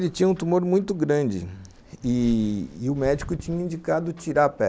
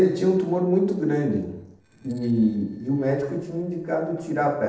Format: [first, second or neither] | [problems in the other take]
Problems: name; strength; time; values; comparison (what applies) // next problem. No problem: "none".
first | noise reduction (neural separator model SepFormer DNS4)